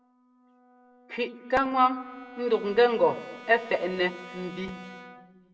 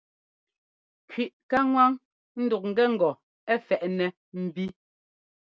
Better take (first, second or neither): second